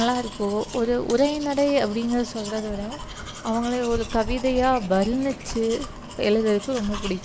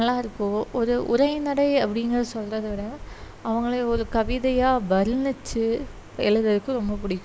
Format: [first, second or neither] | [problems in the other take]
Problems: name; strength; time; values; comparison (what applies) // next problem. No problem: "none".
second | background sound (Domestic sounds, home sounds); 14 dB below the speech